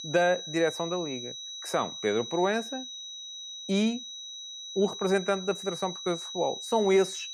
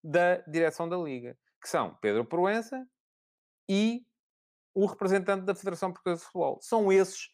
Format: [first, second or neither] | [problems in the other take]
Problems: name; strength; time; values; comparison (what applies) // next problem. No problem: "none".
second | high-pitched whine; loud; throughout; 4 kHz, 9 dB below the speech